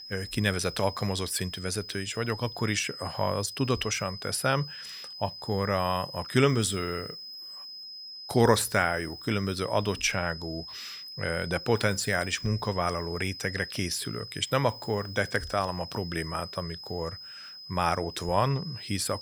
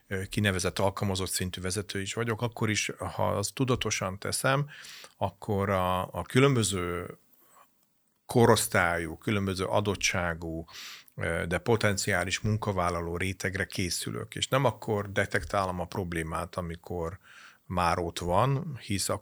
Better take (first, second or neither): second